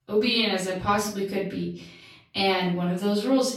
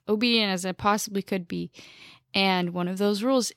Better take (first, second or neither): second